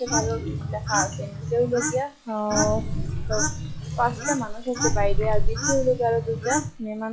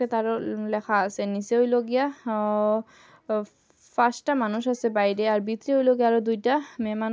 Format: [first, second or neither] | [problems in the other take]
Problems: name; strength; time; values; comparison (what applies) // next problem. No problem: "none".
second | noise reduction (classical method log-MMSE)